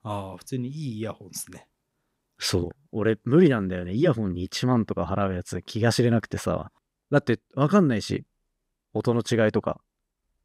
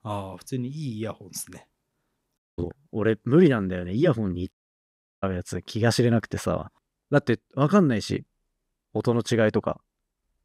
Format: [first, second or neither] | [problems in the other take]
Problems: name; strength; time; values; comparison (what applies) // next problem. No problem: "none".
first | audio cutting out; at 2.5 s and at 4.5 s for 0.5 s